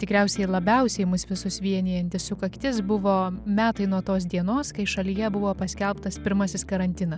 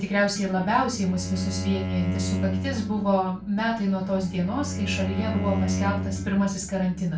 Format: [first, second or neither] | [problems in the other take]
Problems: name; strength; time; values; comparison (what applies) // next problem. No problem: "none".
first | background sound (Bowed string instrument); 4 dB below the speech // room echo; dies away in 0.3 s